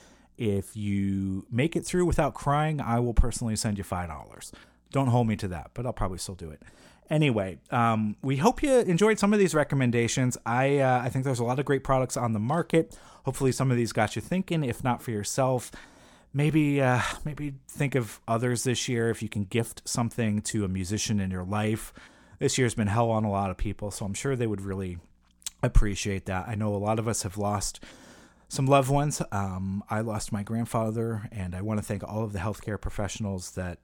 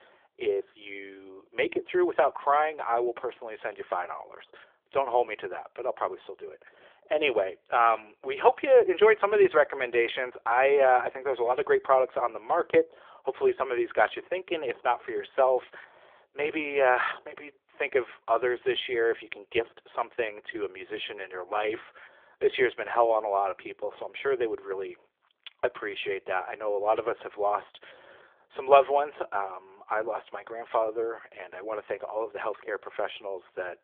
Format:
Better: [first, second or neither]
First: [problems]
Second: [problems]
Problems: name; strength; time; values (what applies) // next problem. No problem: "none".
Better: first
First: none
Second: phone-call audio; nothing above 3.5 kHz